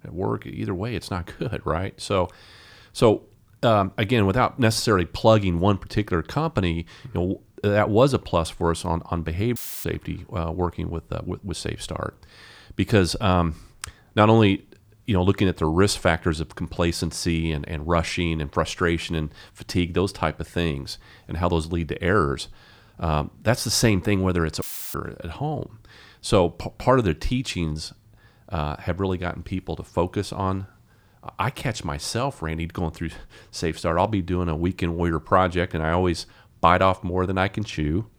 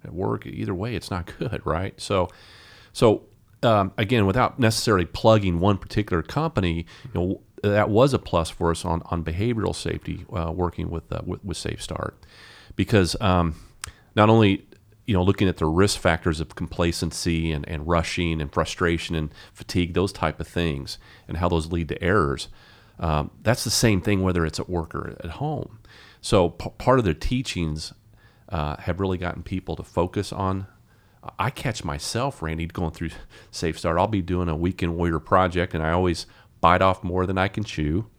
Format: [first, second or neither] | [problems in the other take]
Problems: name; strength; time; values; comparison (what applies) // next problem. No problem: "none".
second | audio cutting out; filled with static; at 9.5 s and at 25 s